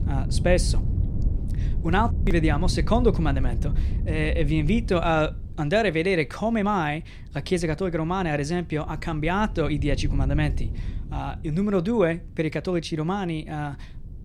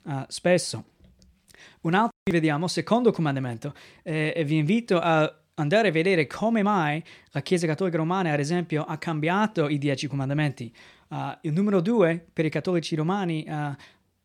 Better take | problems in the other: second | wind noise on the microphone; occasional gusts; 15 dB below the speech

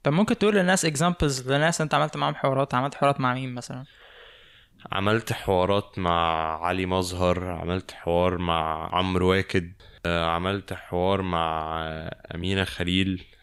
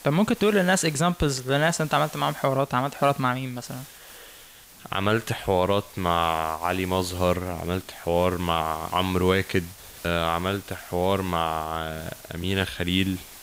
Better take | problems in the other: first | hiss; noticeable; throughout; 20 dB below the speech

